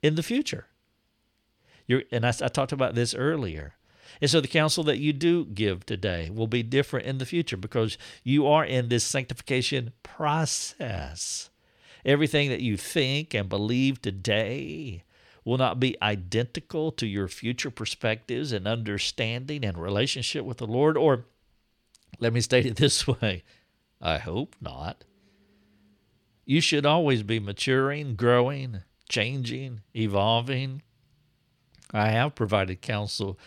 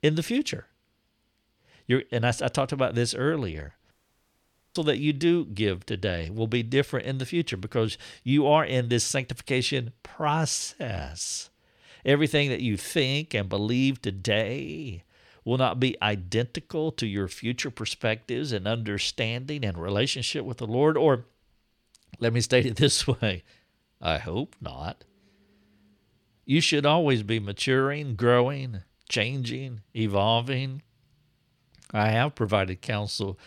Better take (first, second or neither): first